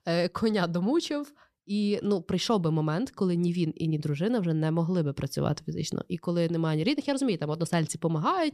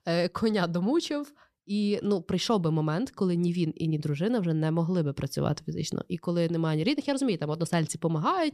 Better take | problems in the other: neither | none

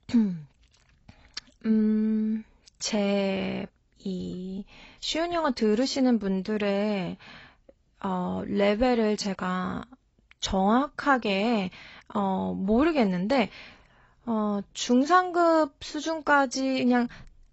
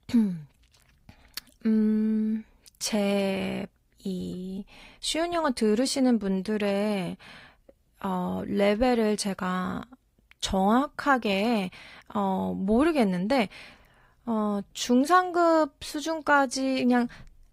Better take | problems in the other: second | garbled, watery; badly; nothing above 8 kHz; slightly in the second

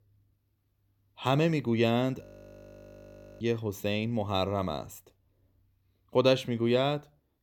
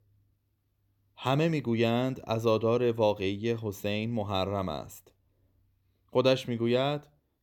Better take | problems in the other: second | audio freezing; at 2 s for 1 s

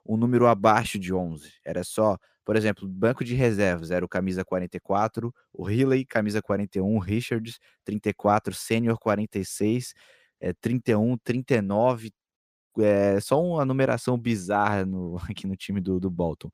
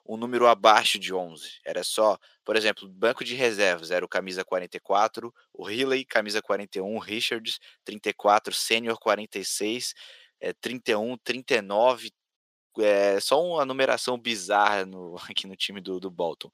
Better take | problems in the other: first | thin; somewhat; fading below 500 Hz

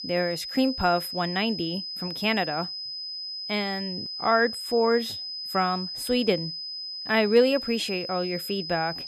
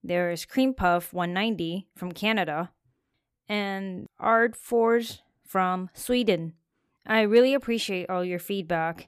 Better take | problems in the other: second | high-pitched whine; loud; throughout; 5 kHz, 6 dB below the speech

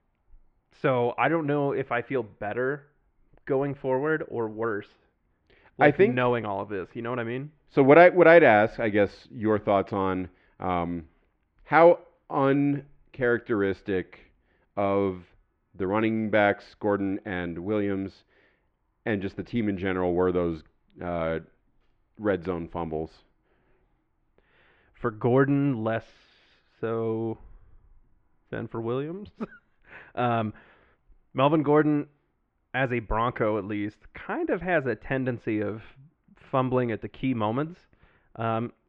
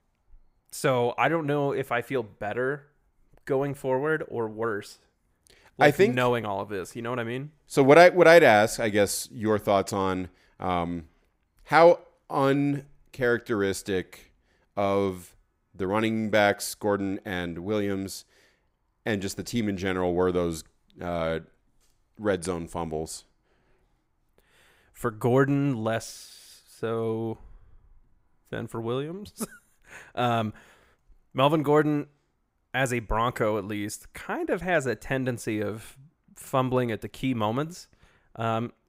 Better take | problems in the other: second | muffled; very; fading above 3 kHz

